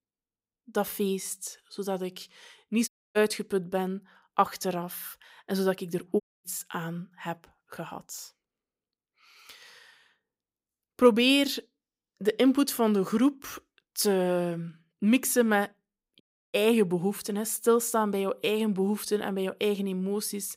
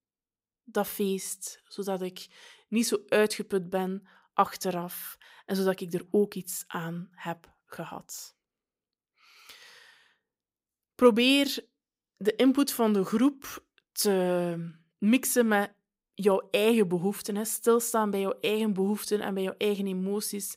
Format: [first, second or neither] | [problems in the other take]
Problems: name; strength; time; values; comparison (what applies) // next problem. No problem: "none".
second | audio cutting out; at 3 s, at 6 s and at 16 s